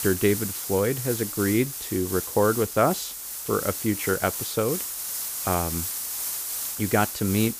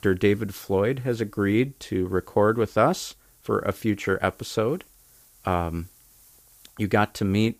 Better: second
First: hiss; loud; throughout; 4 dB below the speech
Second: hiss; faint; throughout; 30 dB below the speech

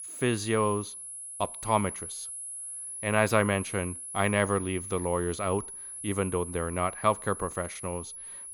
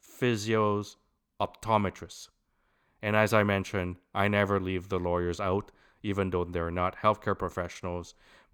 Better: second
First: high-pitched whine; loud; throughout; 10.5 kHz, 8 dB below the speech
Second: none

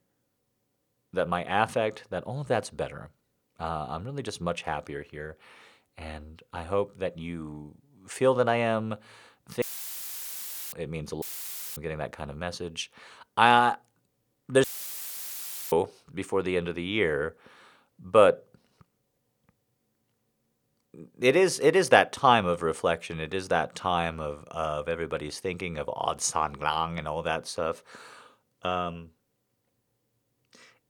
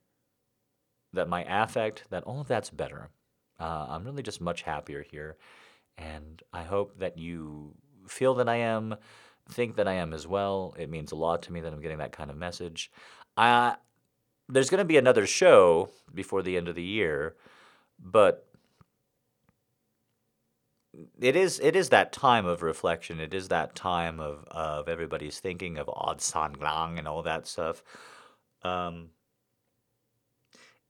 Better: second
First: audio cutting out; filled with static; at 9.5 s for 1 s, at 11 s for 0.5 s and at 15 s for 1 s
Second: none

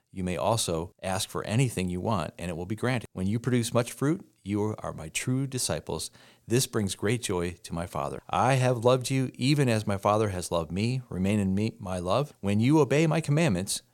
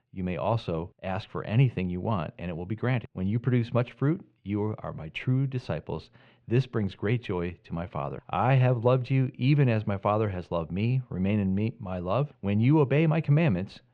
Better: first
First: none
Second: muffled; very; fading above 3 kHz

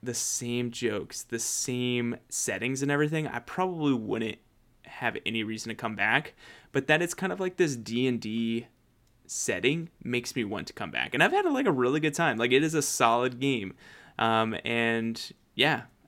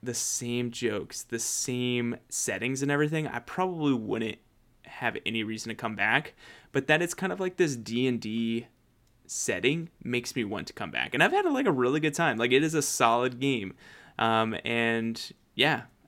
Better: neither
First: none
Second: none

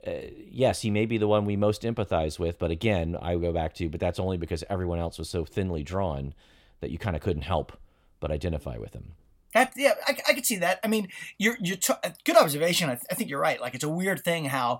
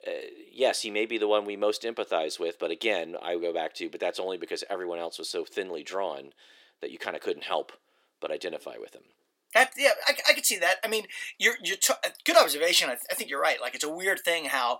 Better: first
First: none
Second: thin; very; fading below 350 Hz

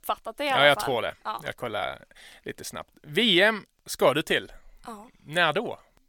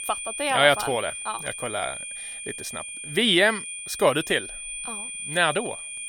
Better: first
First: none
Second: high-pitched whine; loud; throughout; 9 kHz, 9 dB below the speech

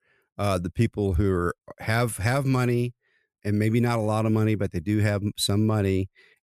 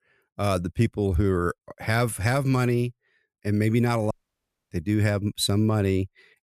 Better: first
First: none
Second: audio cutting out; at 4 s for 0.5 s

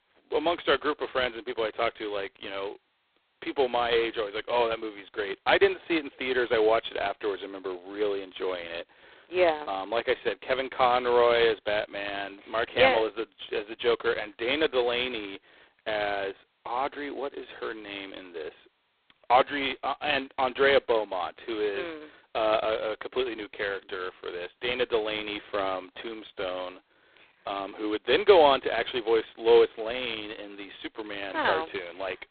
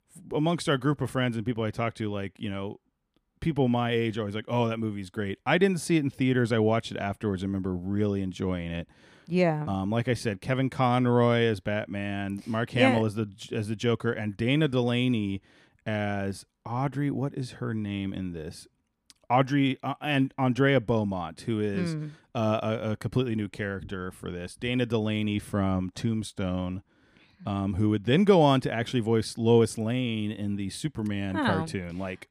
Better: second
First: phone-call audio; poor line; nothing above 4 kHz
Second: none

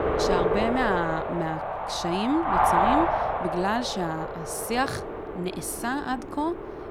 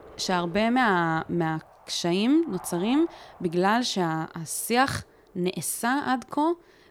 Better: second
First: wind noise on the microphone; heavy; 4 dB above the speech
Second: wind noise on the microphone; occasional gusts; 20 dB below the speech

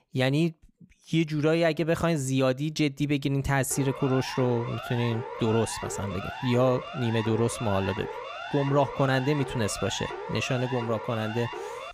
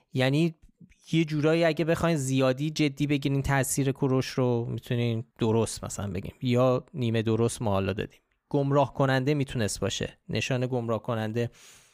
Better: second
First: siren; noticeable; from 3.5 s on; peak 8 dB below the speech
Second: none

